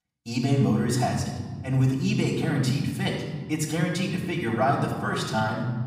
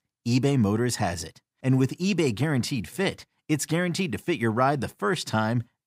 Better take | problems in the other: second | off-mic speech; far // room echo; noticeable; dies away in 1.6 s

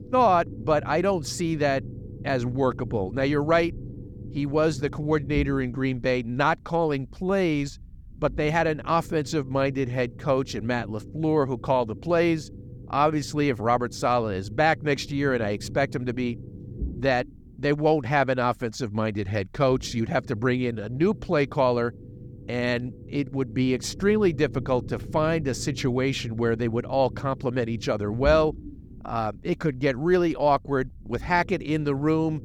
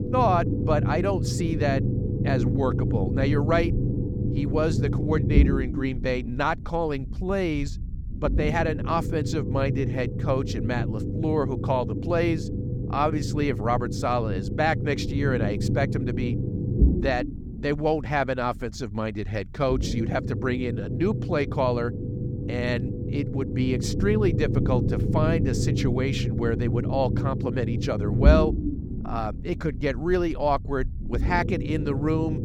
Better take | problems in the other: first | low rumble; loud; throughout; 8 dB below the speech; faint in the first

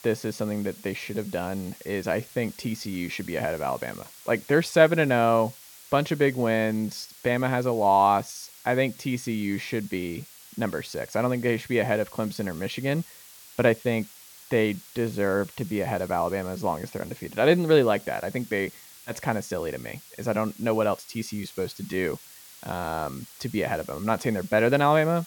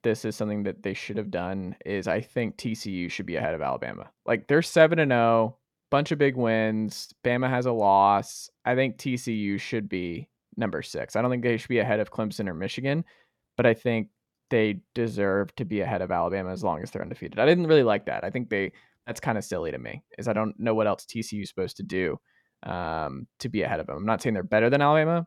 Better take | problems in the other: second | hiss; noticeable; throughout; 20 dB below the speech

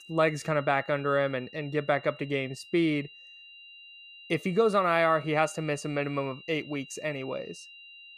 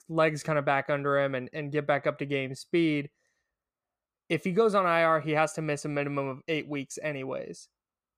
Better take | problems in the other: second | high-pitched whine; noticeable; throughout; 3 kHz, 20 dB below the speech

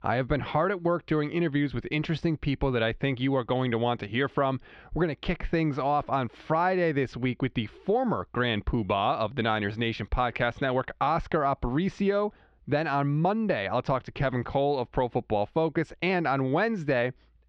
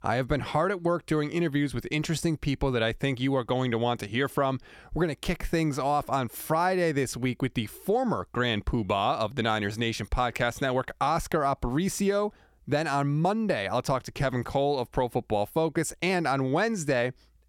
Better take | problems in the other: second | muffled; slightly; fading above 3.5 kHz

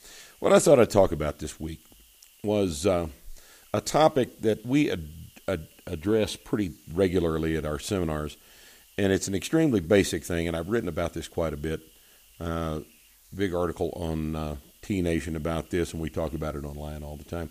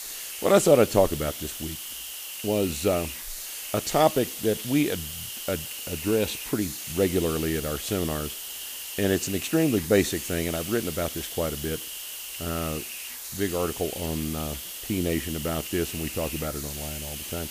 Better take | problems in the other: first | hiss; loud; throughout; 7 dB below the speech; faint in the first

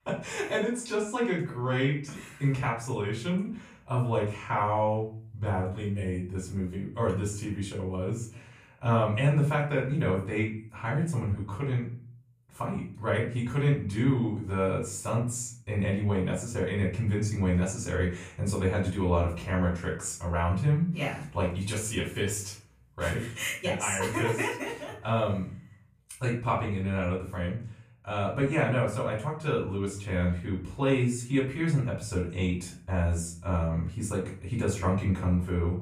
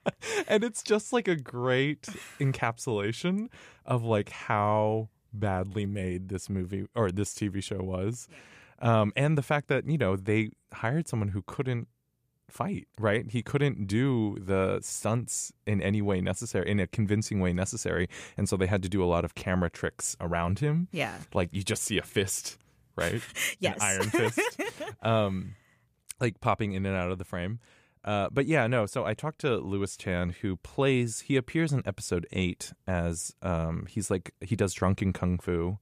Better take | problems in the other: second | off-mic speech; far // room echo; slight; dies away in 0.4 s

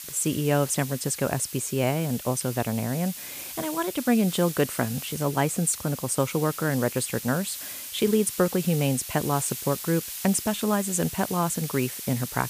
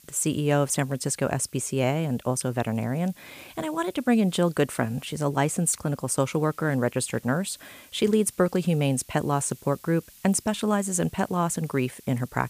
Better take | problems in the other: second | hiss; loud; throughout; 9 dB below the speech; faint in the second

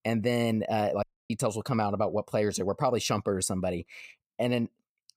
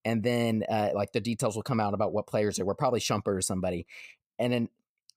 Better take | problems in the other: second | audio cutting out; at 1 s

